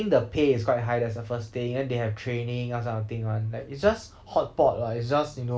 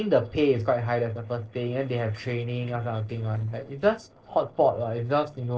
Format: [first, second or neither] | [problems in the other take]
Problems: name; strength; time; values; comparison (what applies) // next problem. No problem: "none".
first | noise reduction (neural separator model SepFormer DNS4)